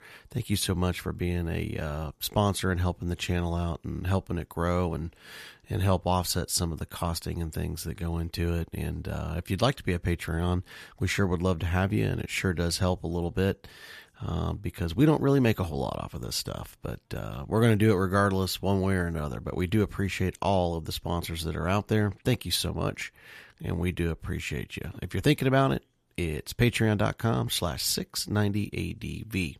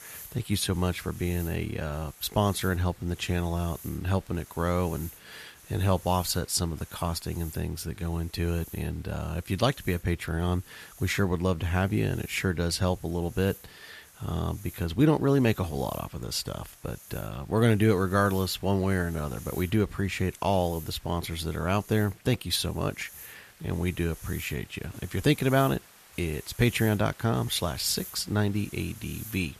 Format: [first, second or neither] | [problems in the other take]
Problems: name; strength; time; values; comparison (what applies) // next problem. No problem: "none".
first | hiss; noticeable; throughout; 20 dB below the speech